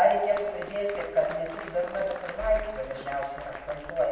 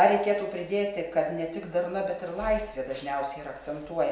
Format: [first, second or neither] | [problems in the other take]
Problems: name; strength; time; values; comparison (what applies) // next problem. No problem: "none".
second | background sound (Applause); 14 dB below the speech // room echo; dies away in 1.6 s